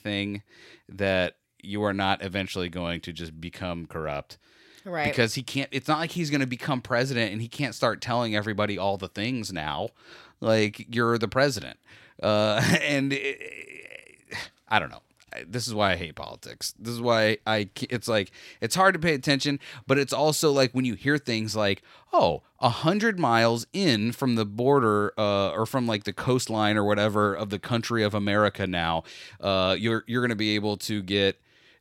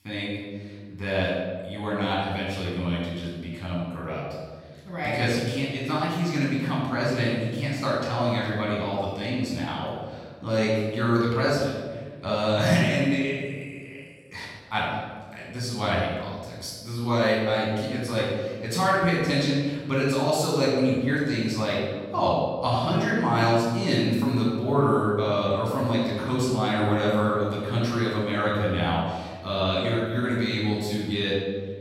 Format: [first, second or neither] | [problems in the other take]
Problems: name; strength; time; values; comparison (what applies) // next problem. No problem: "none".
first | room echo; strong; dies away in 1.5 s // off-mic speech; far